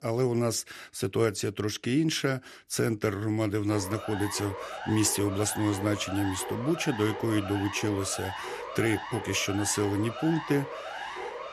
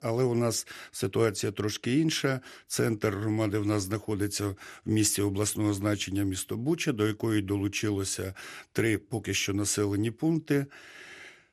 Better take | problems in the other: second | siren; noticeable; from 3.5 s on; peak 8 dB below the speech

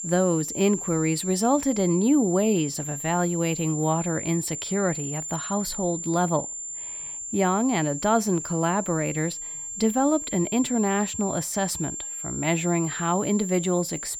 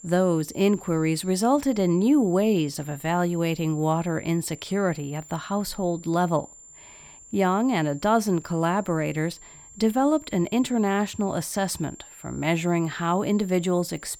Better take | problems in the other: second | high-pitched whine; loud; throughout; 7.5 kHz, 6 dB below the speech; faint in the second

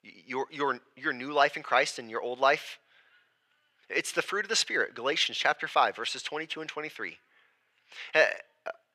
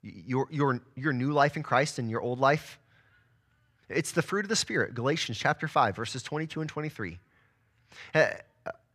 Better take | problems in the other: second | thin; somewhat; fading below 500 Hz

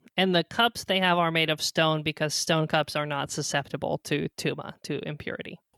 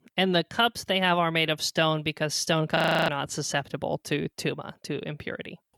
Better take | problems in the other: first | audio freezing; at 3 s

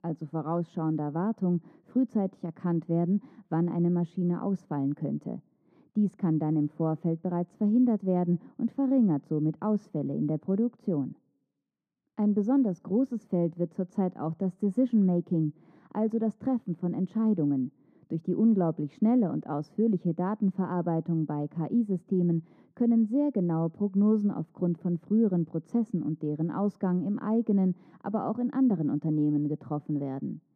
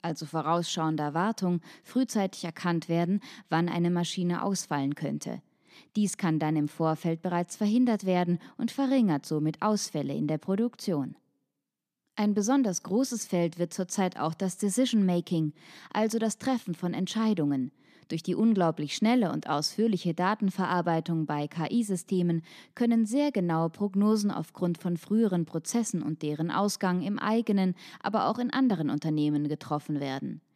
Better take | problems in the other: second | muffled; very; fading above 1 kHz

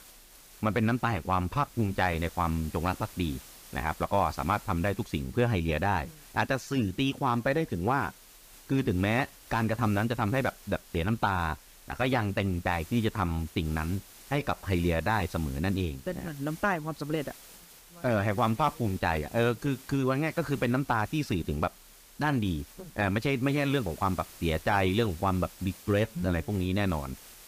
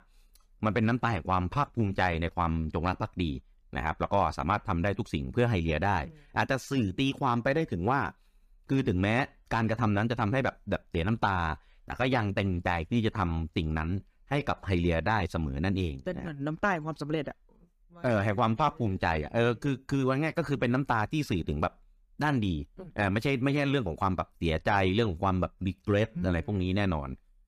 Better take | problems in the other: second | hiss; noticeable; throughout; 20 dB below the speech

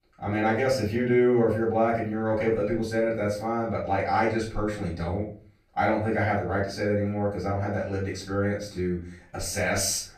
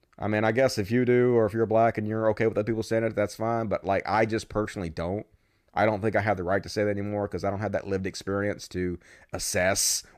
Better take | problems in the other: second | off-mic speech; far // room echo; slight; dies away in 0.4 s

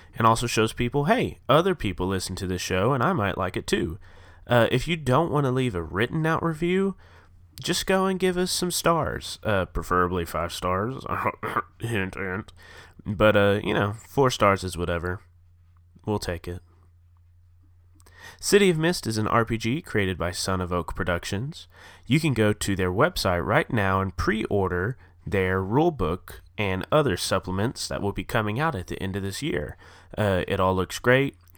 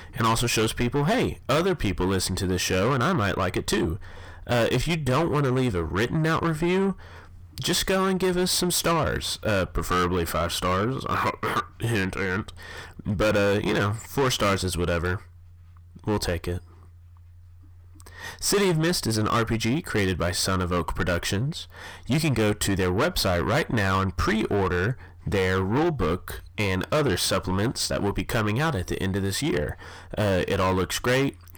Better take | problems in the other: first | distortion; heavy; 6 dB below the speech

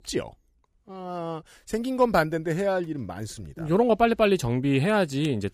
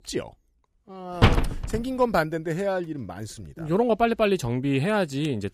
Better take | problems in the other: first | door banging; loud; at 1 s; peak 4 dB above the speech

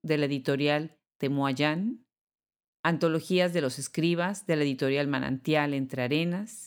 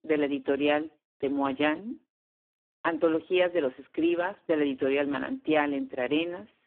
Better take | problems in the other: first | phone-call audio; poor line

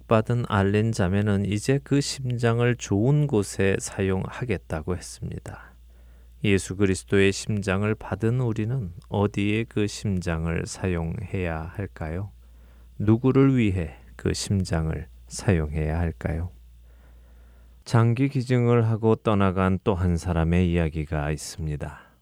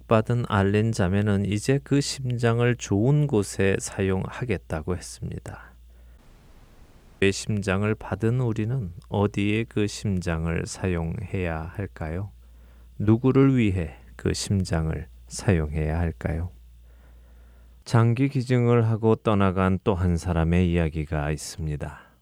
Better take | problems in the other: first | audio cutting out; at 6 s for 1 s

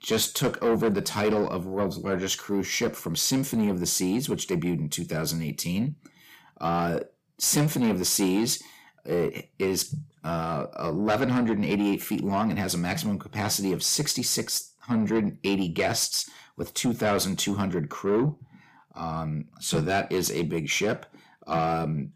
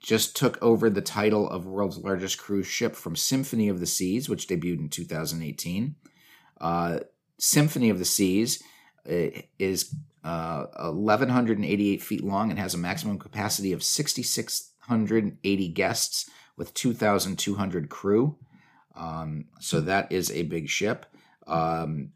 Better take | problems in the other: second | distortion; slight; 10 dB below the speech

